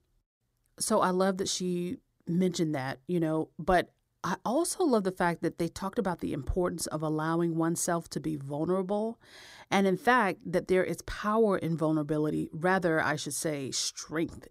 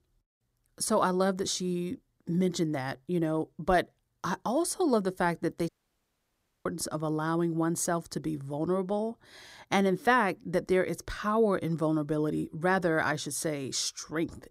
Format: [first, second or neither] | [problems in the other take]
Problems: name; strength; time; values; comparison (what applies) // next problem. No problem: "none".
first | audio cutting out; at 5.5 s for 1 s